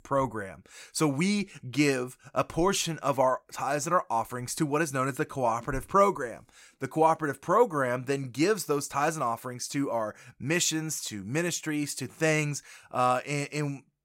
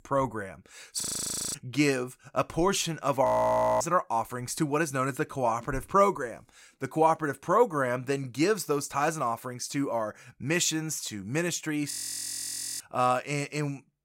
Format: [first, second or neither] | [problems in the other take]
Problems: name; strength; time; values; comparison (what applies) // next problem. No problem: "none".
first | audio freezing; at 1 s for 0.5 s, at 3.5 s for 0.5 s and at 12 s for 1 s